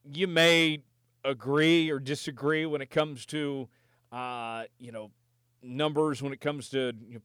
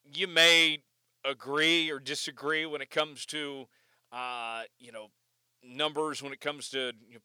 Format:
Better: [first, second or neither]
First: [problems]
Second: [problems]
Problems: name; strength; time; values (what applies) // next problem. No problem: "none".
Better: first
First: none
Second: thin; somewhat; fading below 900 Hz